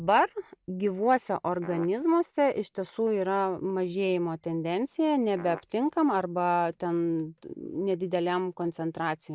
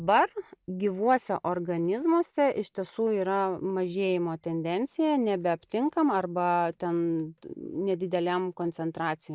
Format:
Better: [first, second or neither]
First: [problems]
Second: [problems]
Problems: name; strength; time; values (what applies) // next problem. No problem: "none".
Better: second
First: background sound (Fart); 14 dB below the speech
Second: none